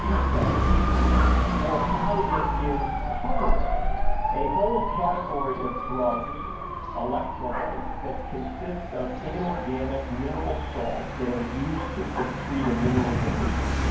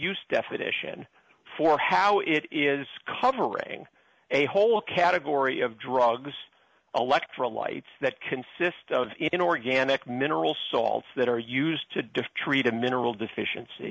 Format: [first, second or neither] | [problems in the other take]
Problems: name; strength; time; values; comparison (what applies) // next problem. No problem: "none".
second | background sound (Motorcycle / Dog); 5 dB above the speech // room echo; dies away in 0.9 s